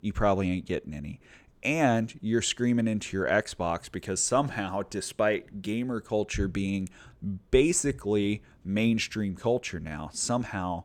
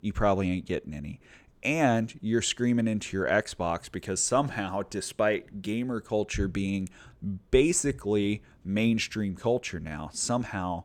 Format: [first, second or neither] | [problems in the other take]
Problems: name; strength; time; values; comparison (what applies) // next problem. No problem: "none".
neither | none